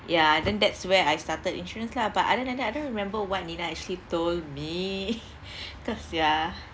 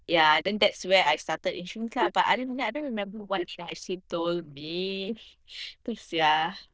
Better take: first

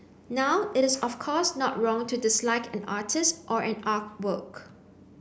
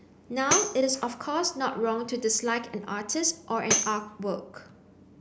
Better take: first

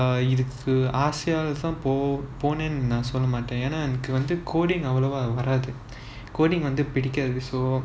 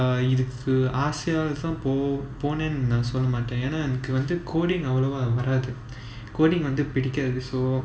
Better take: first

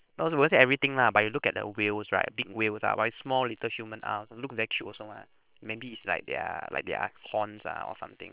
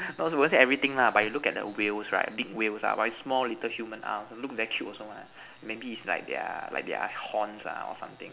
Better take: second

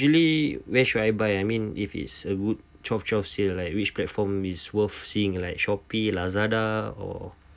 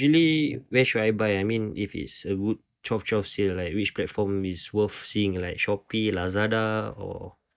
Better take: first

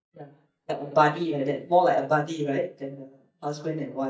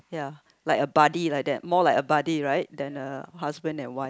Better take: second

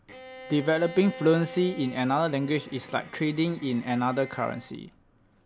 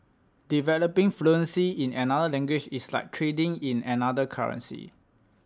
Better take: second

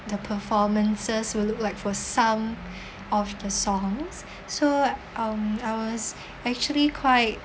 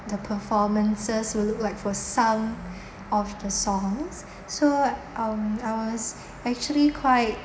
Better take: first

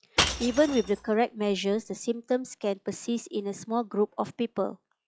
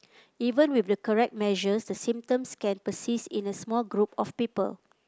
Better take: second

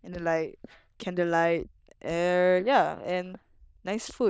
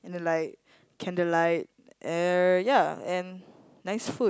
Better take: second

